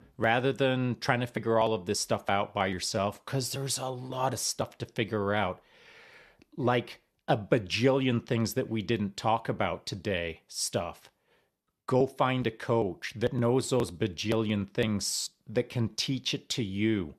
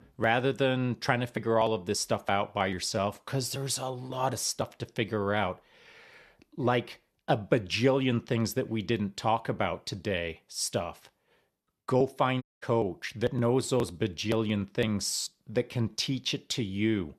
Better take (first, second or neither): first